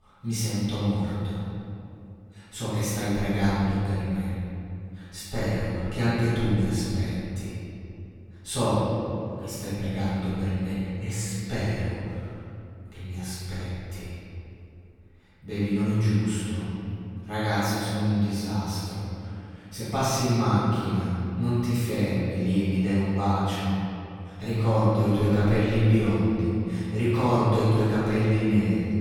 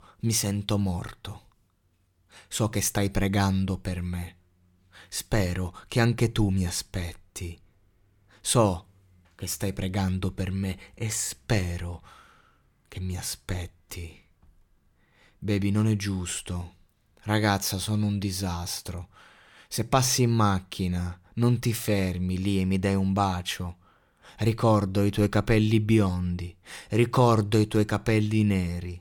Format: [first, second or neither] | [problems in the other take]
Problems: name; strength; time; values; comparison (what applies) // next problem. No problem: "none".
second | room echo; strong; dies away in 2.6 s // off-mic speech; far